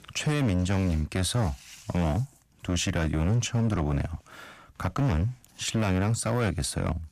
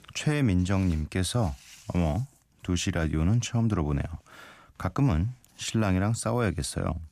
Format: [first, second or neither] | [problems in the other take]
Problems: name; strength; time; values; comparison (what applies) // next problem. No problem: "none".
second | distortion; slight; 10% of the sound clipped